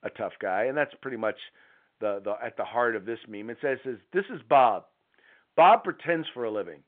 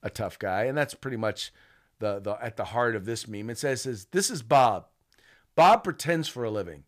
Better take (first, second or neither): second